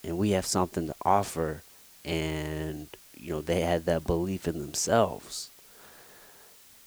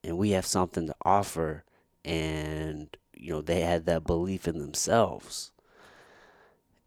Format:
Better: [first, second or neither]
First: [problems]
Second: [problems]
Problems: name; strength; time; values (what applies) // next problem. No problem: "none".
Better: second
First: hiss; faint; throughout; 20 dB below the speech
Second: none